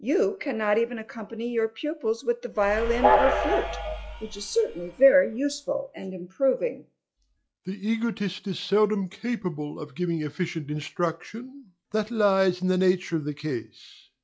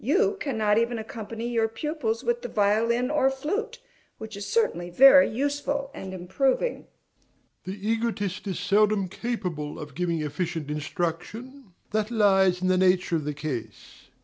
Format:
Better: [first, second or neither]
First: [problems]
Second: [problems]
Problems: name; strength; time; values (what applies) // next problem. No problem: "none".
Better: second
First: noise reduction (classical method log-MMSE)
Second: none